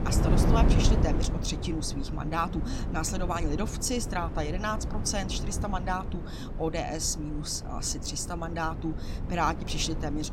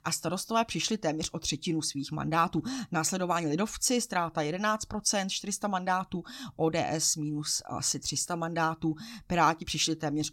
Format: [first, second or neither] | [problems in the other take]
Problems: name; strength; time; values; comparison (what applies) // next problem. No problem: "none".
second | wind noise on the microphone; heavy; 8 dB below the speech